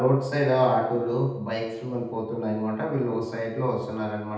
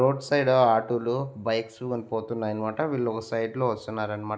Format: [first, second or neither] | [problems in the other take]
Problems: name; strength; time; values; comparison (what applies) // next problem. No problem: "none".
second | room echo; dies away in 0.8 s